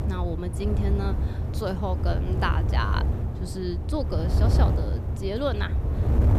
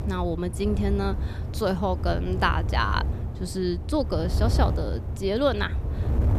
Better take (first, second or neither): second